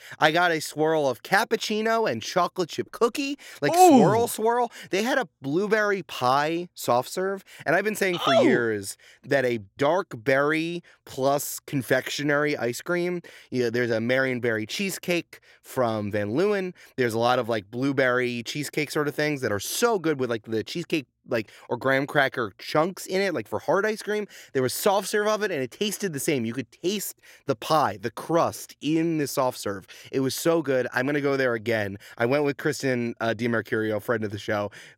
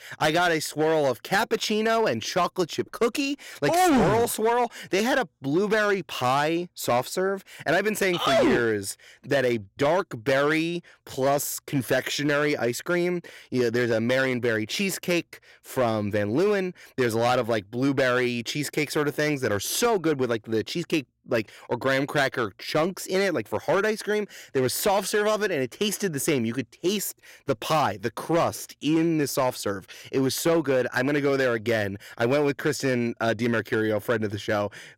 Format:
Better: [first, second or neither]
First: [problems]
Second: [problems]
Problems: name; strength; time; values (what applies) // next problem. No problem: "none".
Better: first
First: none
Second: distortion; slight; 6% of the sound clipped